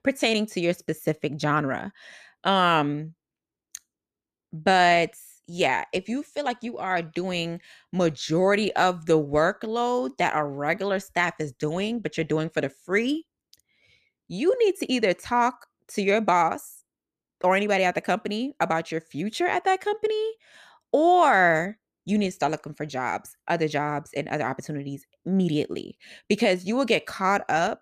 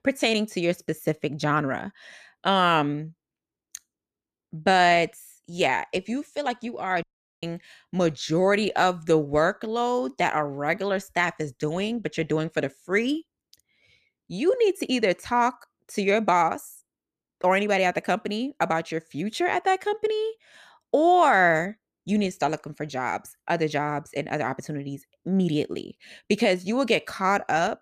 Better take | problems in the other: first | audio cutting out; at 7 s

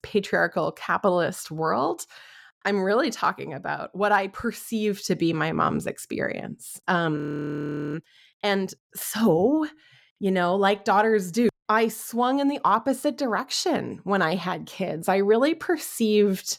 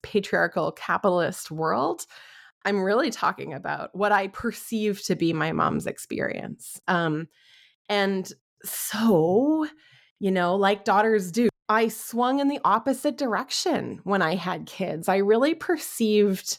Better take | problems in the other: second | audio freezing; at 7 s for 1 s

